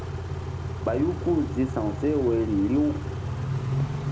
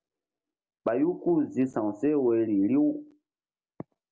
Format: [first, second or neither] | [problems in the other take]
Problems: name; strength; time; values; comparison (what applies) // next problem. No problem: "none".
second | background sound (Idling / Accelerating, revving, vroom / Car); 3 dB below the speech